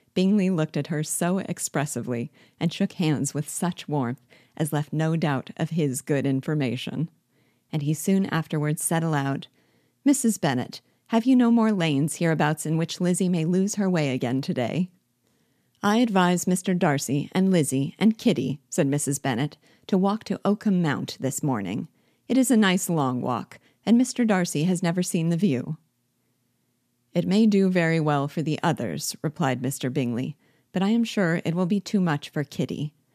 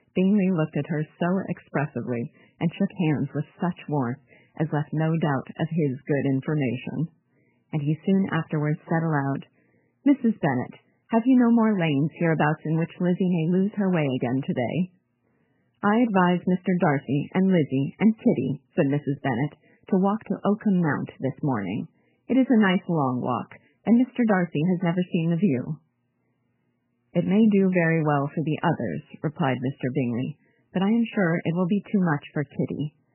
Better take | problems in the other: first | garbled, watery; badly; nothing above 3 kHz

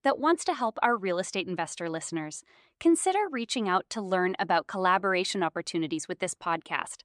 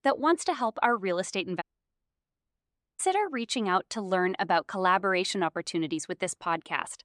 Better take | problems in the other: first | audio cutting out; at 1.5 s for 1.5 s

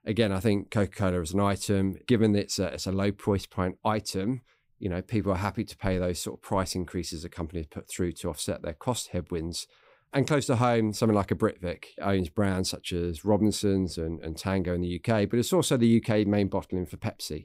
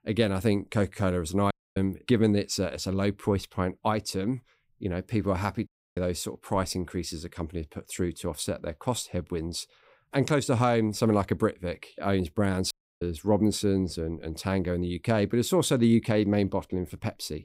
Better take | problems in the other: first | audio cutting out; at 1.5 s, at 5.5 s and at 13 s

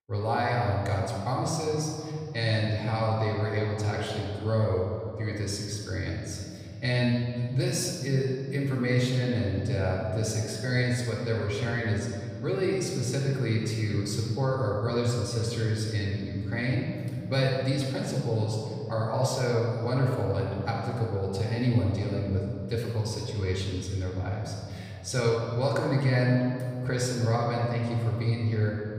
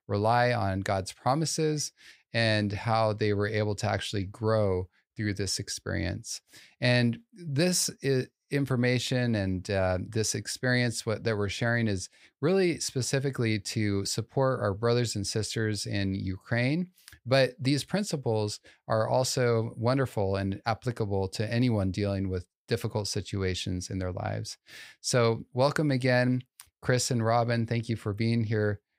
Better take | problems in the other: second | off-mic speech; far // room echo; noticeable; dies away in 2.8 s

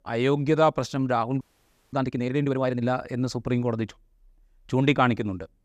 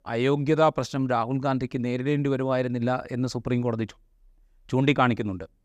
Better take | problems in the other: second | audio freezing; at 1.5 s for 0.5 s

